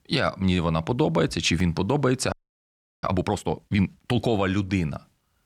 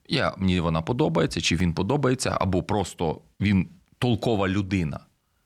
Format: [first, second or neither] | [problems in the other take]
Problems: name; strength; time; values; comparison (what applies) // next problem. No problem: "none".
second | audio freezing; at 2.5 s for 0.5 s